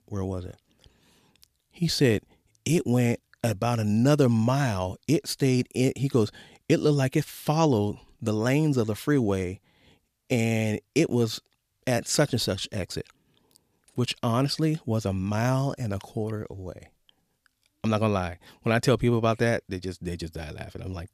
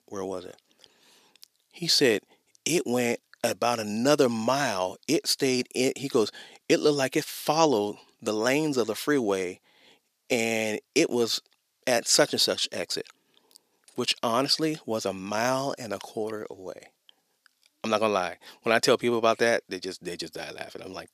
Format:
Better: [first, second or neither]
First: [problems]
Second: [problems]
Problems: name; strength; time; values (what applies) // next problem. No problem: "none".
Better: first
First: none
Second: thin; somewhat; fading below 350 Hz